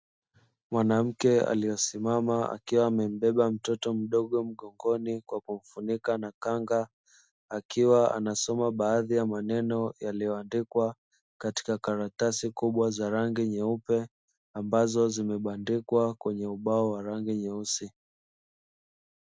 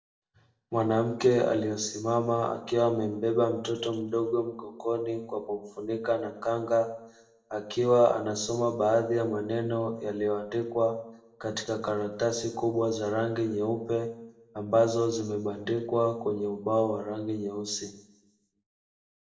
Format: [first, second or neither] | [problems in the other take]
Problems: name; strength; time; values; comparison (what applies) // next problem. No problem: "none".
first | room echo; dies away in 0.6 s